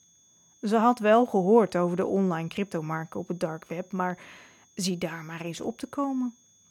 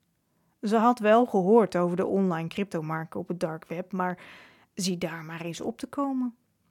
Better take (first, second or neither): second